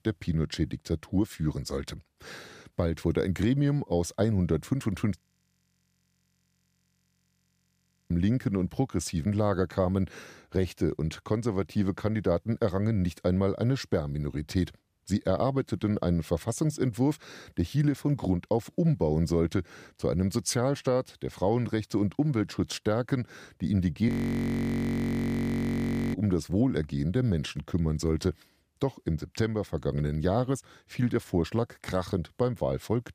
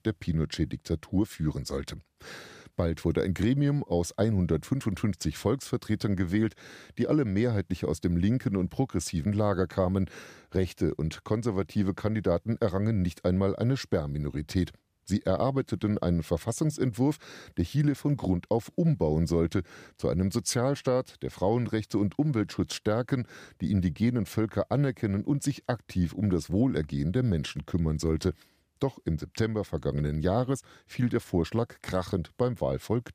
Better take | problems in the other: second | audio freezing; at 5 s for 3 s and at 24 s for 2 s

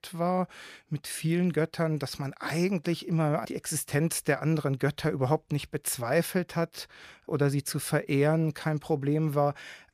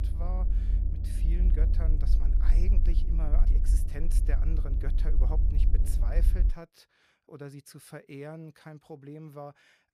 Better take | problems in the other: first | low rumble; loud; until 6.5 s; 4 dB below the speech

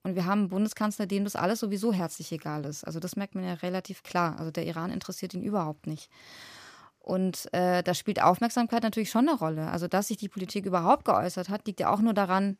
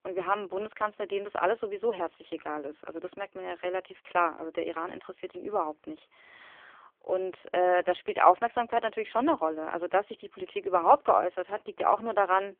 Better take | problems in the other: first | phone-call audio; poor line; nothing above 3.5 kHz

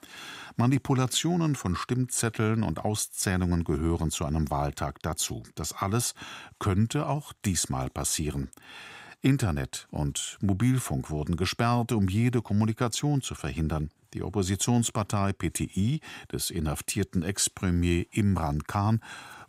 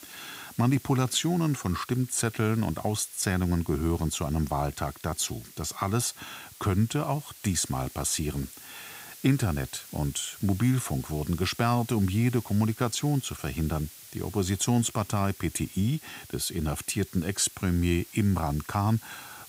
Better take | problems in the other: first | hiss; noticeable; throughout; 15 dB below the speech

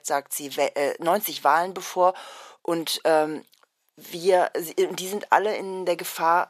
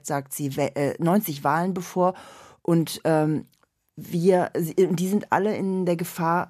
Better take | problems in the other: second | thin; very; fading below 550 Hz

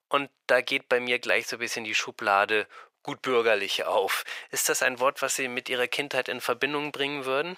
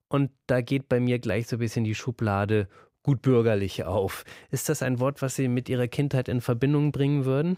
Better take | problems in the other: second | thin; very; fading below 750 Hz

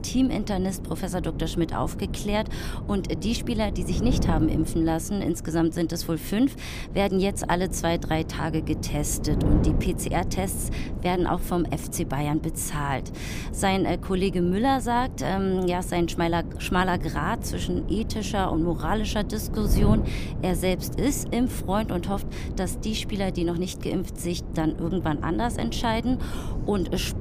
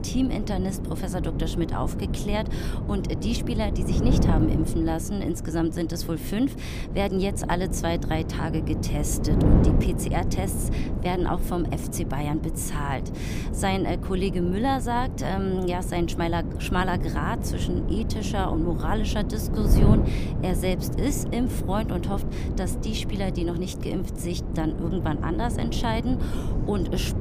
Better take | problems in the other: first | wind noise on the microphone; heavy; 6 dB below the speech; occasional gusts in the first

